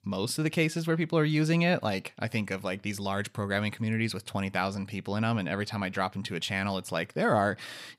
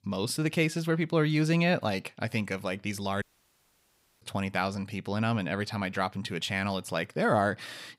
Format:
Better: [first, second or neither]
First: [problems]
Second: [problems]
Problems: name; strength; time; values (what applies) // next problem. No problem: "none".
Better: first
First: none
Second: audio cutting out; at 3 s for 1 s